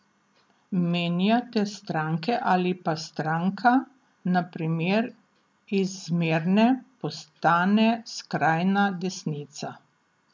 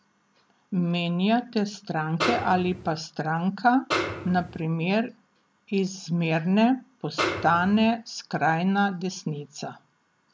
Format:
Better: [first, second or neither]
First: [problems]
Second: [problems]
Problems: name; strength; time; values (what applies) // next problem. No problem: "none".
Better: first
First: none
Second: background sound (Snare drum); 4 dB below the speech